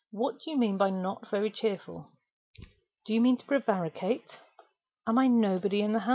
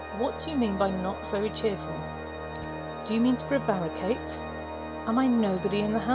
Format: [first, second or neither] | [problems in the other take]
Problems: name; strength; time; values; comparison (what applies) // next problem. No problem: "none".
first | background sound (Organ); 7 dB below the speech